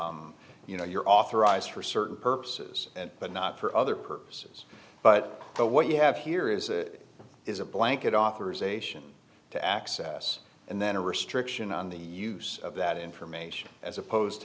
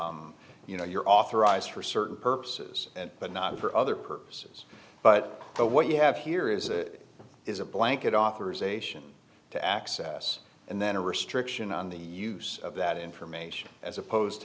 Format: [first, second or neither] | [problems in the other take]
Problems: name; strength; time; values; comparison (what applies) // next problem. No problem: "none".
first | background sound (Walk, footsteps); 14 dB below the speech